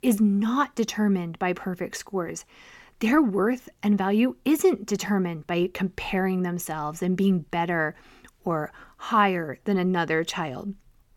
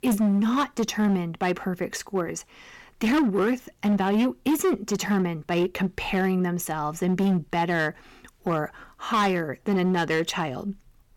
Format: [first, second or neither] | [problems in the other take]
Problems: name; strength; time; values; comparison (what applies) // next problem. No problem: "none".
first | distortion; slight; 10% of the sound clipped